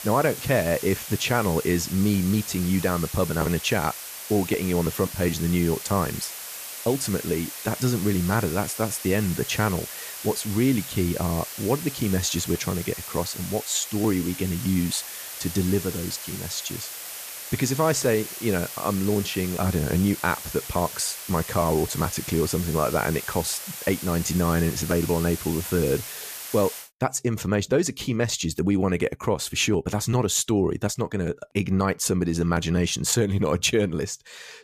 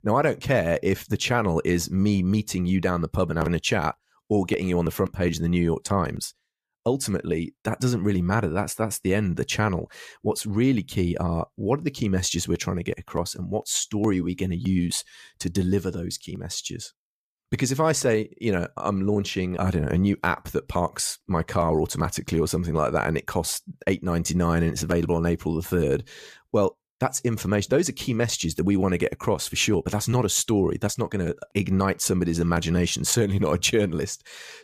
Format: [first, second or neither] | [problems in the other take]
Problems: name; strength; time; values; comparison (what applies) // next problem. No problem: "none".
second | hiss; loud; until 27 s; 9 dB below the speech